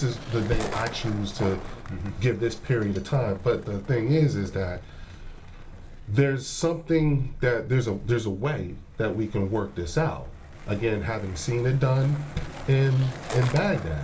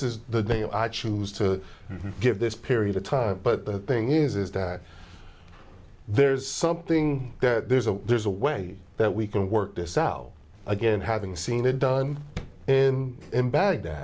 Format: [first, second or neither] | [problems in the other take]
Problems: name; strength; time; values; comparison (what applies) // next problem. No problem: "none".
second | background sound (Skateboard); 16 dB below the speech // room echo; dies away in 0.2 s